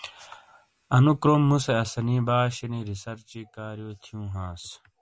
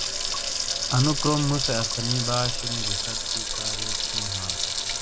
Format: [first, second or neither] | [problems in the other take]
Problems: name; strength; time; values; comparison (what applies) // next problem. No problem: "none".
first | background sound (Sink (filling or washing) / Water tap, faucet); 2 dB above the speech